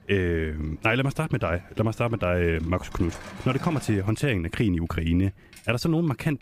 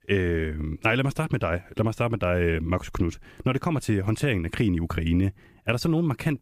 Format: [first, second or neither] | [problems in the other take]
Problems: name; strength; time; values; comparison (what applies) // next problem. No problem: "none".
second | traffic noise; noticeable; throughout; 20 dB below the speech